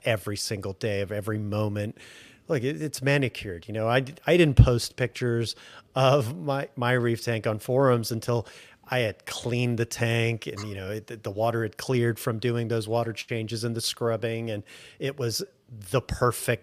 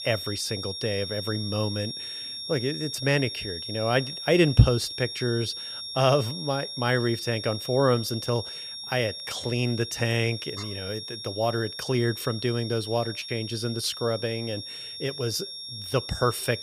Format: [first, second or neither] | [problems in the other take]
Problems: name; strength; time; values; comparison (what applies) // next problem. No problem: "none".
first | high-pitched whine; loud; throughout; 5.5 kHz, 7 dB below the speech